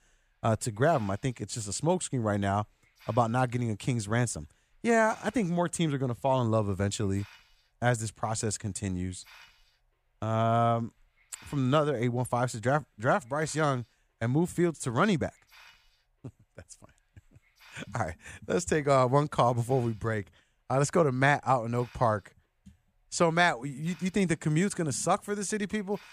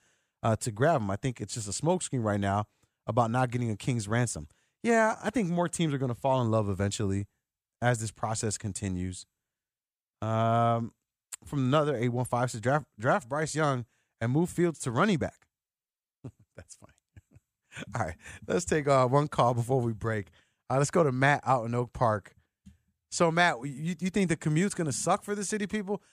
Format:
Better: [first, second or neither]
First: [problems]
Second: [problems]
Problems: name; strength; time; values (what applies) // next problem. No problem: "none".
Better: second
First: hiss; faint; throughout; 30 dB below the speech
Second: none